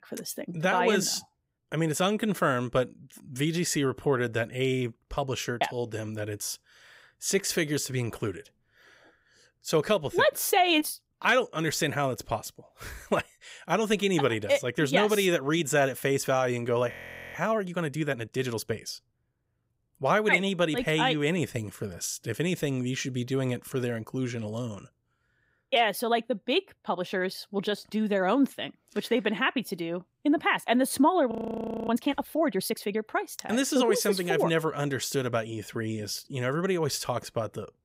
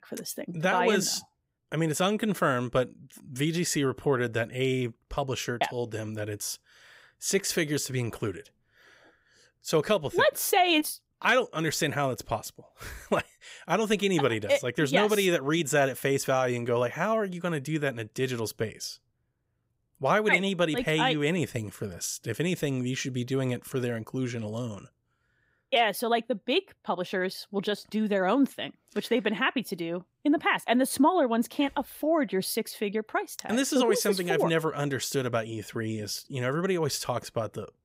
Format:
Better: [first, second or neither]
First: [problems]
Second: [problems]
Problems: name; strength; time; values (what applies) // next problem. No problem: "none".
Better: second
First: audio freezing; at 17 s and at 31 s for 0.5 s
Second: none